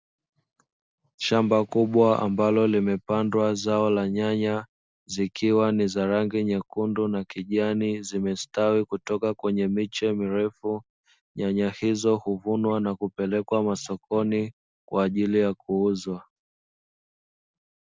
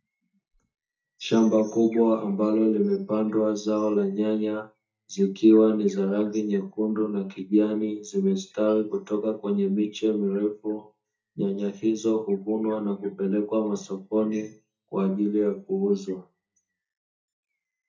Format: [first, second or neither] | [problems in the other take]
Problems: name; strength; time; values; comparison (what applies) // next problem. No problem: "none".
first | noise reduction (neural mask model DeepFilterNet 3)